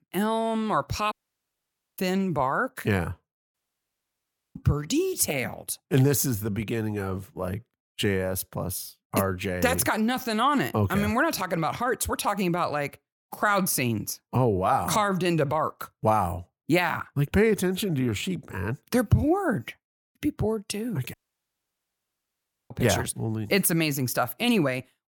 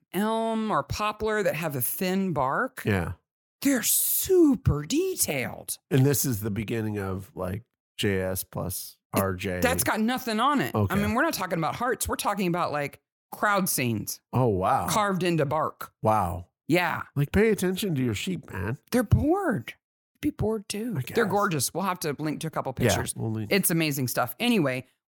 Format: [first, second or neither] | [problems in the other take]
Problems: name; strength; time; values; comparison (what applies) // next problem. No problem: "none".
second | audio cutting out; at 1 s for 1 s, at 3.5 s for 1 s and at 21 s for 1.5 s